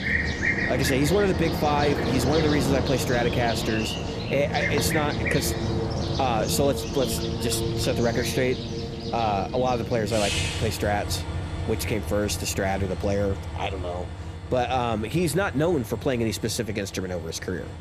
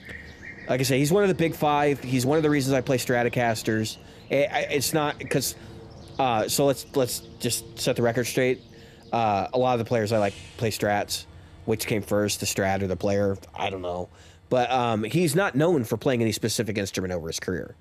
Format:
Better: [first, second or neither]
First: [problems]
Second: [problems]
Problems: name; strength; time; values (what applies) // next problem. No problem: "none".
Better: second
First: train or aircraft noise; loud; throughout; 2 dB below the speech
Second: train or aircraft noise; faint; throughout; 20 dB below the speech